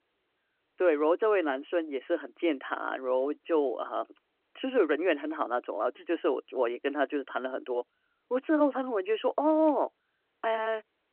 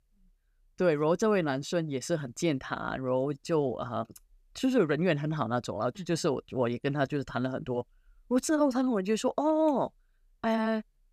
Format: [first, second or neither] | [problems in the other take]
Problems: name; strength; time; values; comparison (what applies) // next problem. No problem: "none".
second | phone-call audio